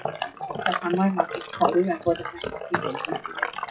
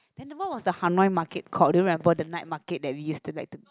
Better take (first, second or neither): second